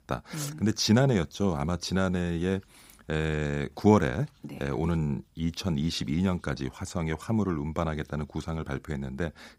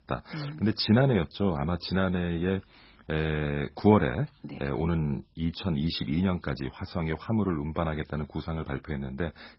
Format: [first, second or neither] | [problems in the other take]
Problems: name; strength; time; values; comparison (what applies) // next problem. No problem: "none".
first | garbled, watery; badly; nothing above 5.5 kHz